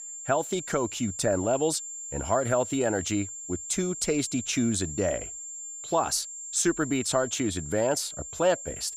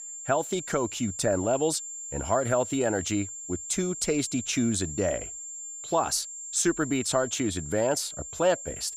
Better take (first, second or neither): neither